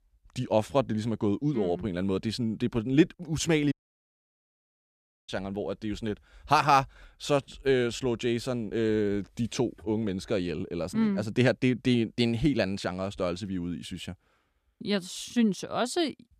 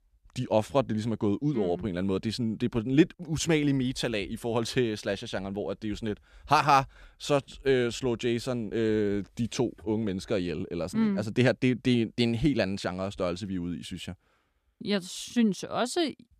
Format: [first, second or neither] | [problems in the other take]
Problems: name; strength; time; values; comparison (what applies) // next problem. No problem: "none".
second | audio cutting out; at 3.5 s for 1.5 s